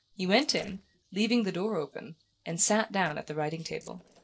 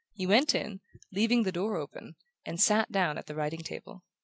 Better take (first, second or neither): second